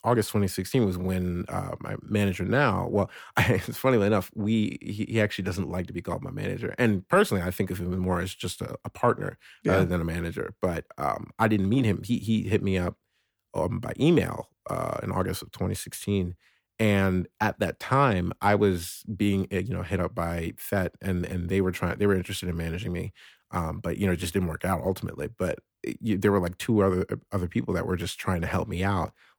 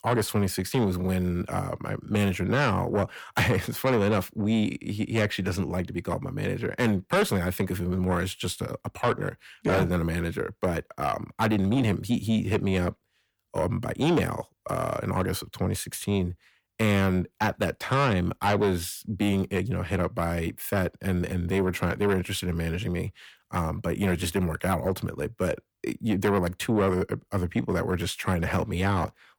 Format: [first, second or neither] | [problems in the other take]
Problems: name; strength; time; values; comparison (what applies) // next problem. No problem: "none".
first | distortion; slight; 10 dB below the speech